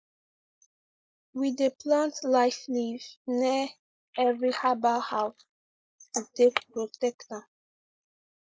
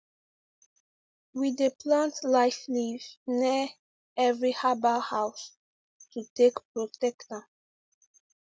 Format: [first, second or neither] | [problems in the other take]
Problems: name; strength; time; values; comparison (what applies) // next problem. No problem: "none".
second | noise reduction (neural mask model Resemble Enhance denoiser)